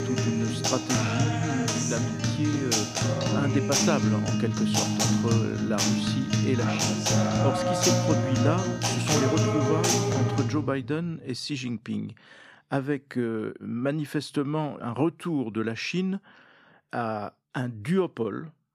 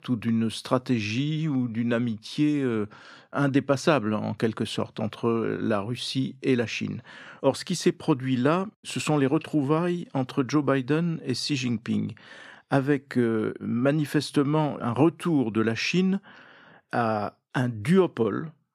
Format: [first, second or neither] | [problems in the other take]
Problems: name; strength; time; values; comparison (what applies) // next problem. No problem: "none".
second | background music; very loud; throughout; 5 dB above the speech